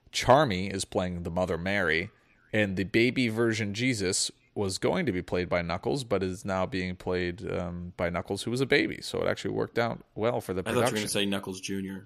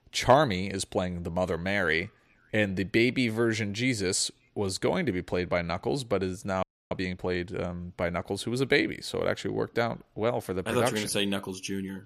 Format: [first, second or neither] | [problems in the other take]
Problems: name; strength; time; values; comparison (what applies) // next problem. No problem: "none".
first | audio freezing; at 6.5 s